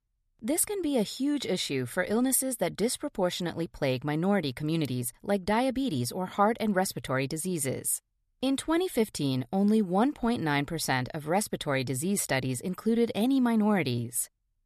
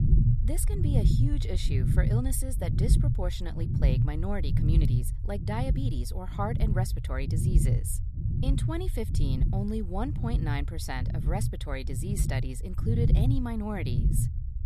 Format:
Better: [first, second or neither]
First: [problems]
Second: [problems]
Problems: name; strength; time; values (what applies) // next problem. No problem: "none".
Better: first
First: none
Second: low rumble; loud; throughout; 3 dB below the speech